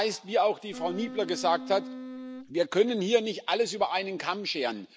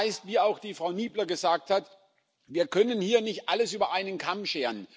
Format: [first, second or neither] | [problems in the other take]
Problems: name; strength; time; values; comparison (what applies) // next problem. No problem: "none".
second | background sound (Wind instrument, woodwind instrument); 11 dB below the speech